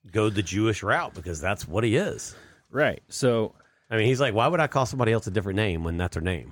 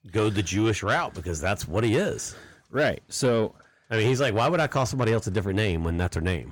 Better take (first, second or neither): first